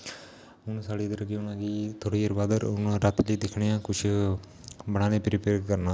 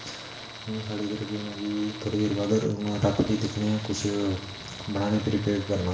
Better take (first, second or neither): first